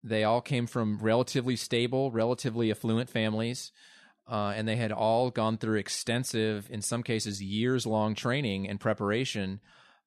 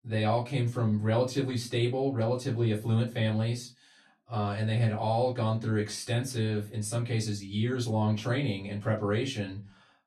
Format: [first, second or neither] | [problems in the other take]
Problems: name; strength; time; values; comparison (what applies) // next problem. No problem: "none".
first | off-mic speech; far // room echo; very slight; dies away in 0.2 s